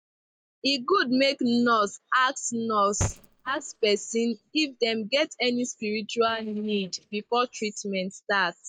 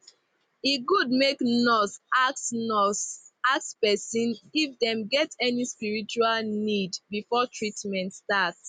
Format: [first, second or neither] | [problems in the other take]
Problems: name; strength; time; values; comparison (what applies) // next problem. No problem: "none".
second | noise reduction (neural mask model DeepFilterNet 3)